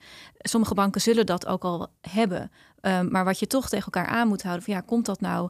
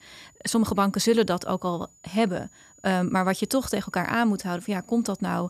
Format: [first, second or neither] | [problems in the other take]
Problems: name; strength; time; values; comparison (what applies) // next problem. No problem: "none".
first | high-pitched whine; faint; throughout; 7 kHz, 30 dB below the speech